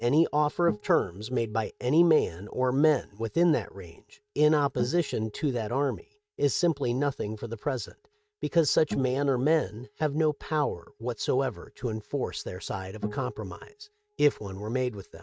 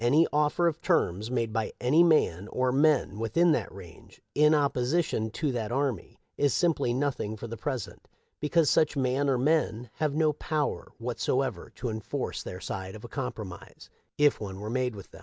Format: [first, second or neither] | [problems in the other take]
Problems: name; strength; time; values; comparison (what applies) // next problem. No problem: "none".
second | noise reduction (neural mask model RNNoise)